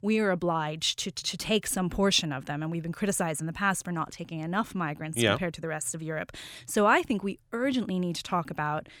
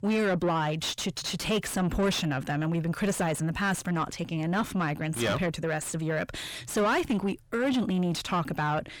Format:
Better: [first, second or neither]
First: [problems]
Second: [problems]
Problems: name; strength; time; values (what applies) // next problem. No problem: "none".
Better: first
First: none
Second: distortion; heavy; 6 dB below the speech